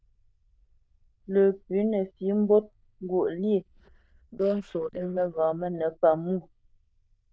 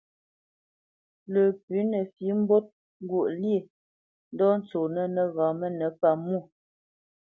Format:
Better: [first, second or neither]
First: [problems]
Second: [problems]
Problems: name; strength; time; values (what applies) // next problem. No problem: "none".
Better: second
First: noise reduction (neural diffusion model UNIVERSE++)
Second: none